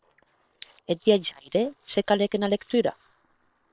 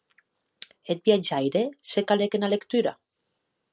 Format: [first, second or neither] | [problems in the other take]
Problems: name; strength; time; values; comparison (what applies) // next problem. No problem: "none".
second | noise reduction (neural separator model SepFormer WHAM!)